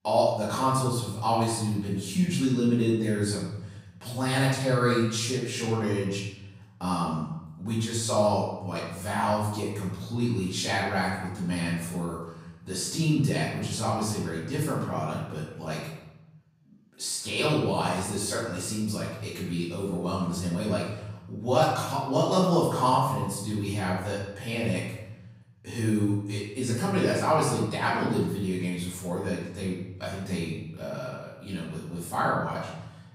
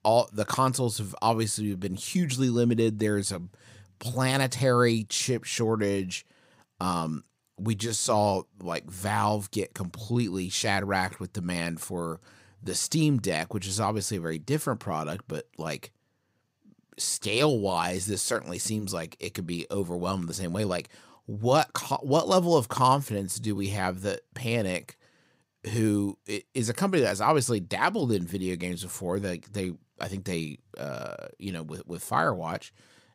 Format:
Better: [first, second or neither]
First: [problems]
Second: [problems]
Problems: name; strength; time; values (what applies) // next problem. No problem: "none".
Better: second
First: off-mic speech; far // room echo; noticeable; dies away in 1 s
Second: none